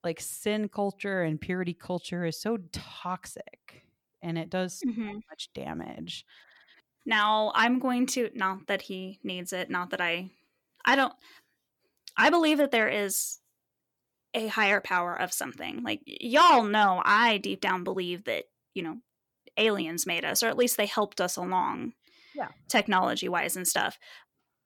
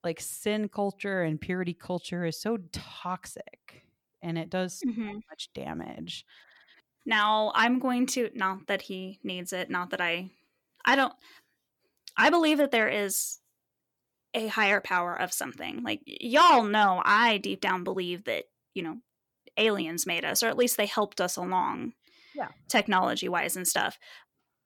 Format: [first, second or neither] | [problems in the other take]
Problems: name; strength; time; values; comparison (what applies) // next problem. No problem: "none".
neither | none